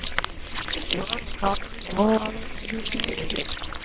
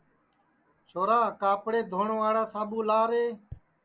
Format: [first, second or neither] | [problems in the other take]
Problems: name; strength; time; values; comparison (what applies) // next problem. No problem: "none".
second | noise reduction (neural separator model SepFormer WHAMR!)